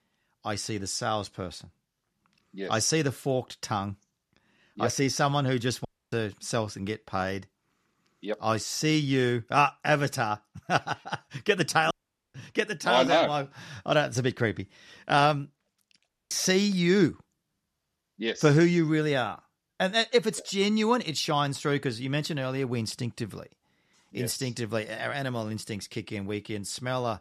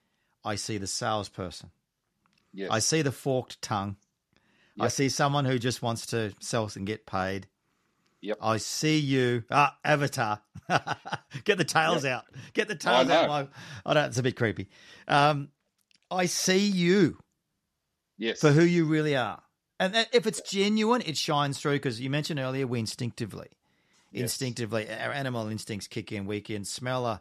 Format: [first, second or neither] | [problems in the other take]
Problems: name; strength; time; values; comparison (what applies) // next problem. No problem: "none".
second | audio cutting out; at 6 s, at 12 s and at 16 s